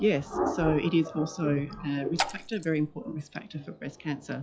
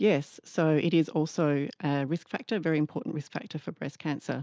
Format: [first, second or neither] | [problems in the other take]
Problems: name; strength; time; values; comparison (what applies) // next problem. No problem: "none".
second | noise reduction (classical method log-MMSE)